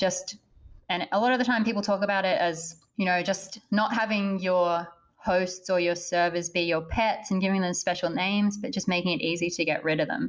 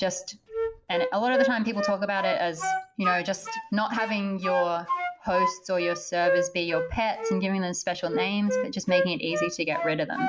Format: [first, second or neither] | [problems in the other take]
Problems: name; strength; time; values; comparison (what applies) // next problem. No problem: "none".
first | background sound (Wind instrument, woodwind instrument); 2 dB below the speech